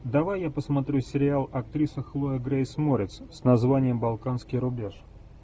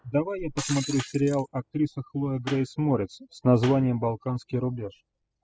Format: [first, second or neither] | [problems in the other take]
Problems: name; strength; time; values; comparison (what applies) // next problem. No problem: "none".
first | noise reduction (classical method spectral subtraction)